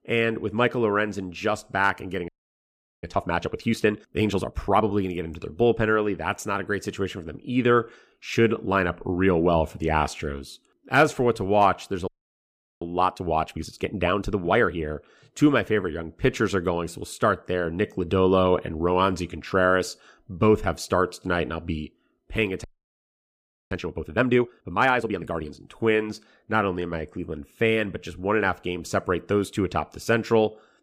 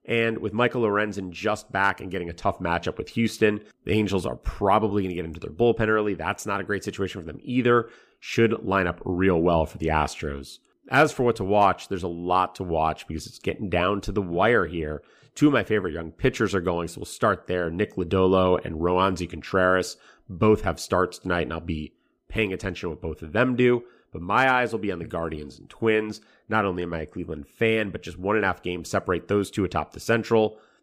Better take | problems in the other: second | audio freezing; at 2.5 s for 1 s, at 12 s for 0.5 s and at 23 s for 1 s

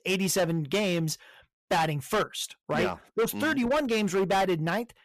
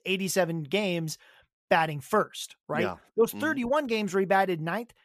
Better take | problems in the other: second | distortion; heavy; 13% of the sound clipped

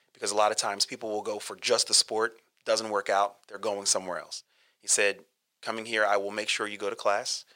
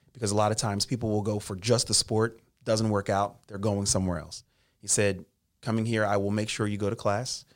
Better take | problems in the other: second | thin; very; fading below 550 Hz

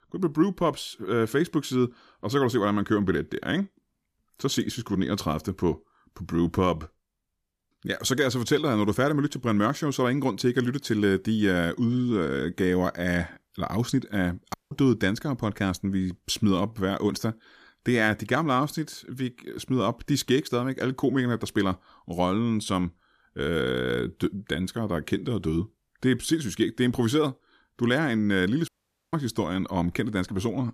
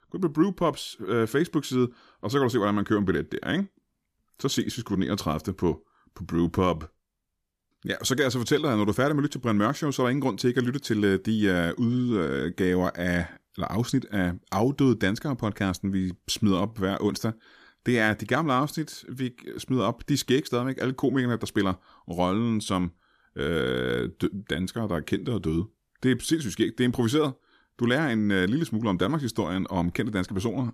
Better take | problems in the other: second | audio cutting out; at 15 s and at 29 s

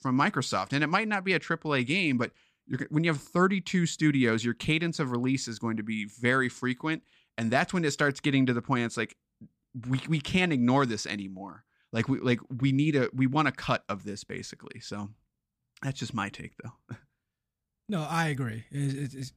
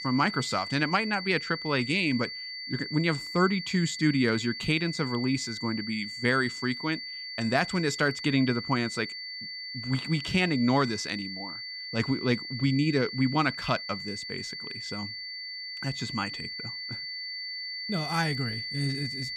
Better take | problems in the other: first | high-pitched whine; loud; throughout; 4.5 kHz, 7 dB below the speech

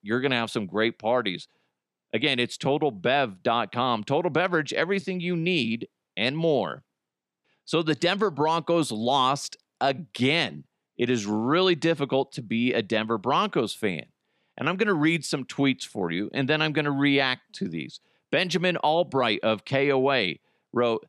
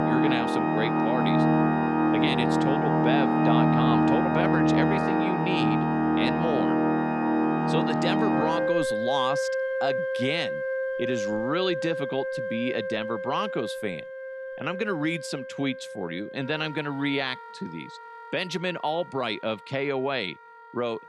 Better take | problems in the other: first | background music; very loud; throughout; 5 dB above the speech

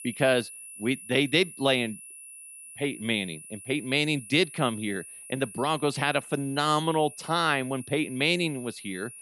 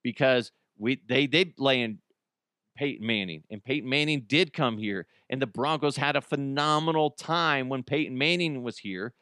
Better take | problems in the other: second | high-pitched whine; noticeable; throughout; 9.5 kHz, 15 dB below the speech

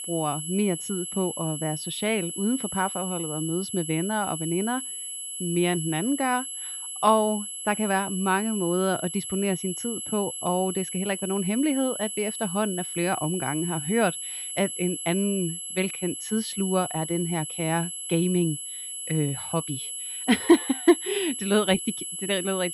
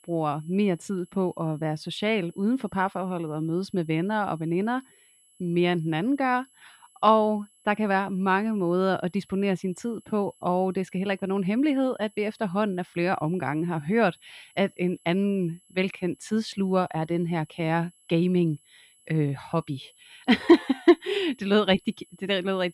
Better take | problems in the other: second | high-pitched whine; loud; throughout; 11 kHz, 5 dB below the speech; faint in the second

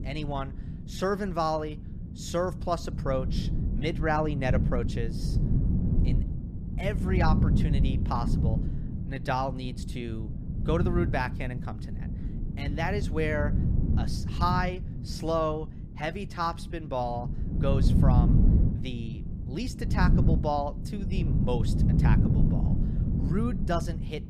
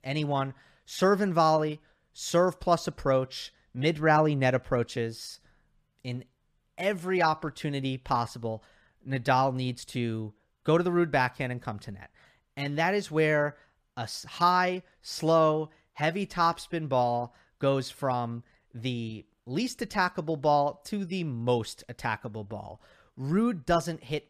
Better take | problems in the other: second | wind noise on the microphone; heavy; 8 dB below the speech

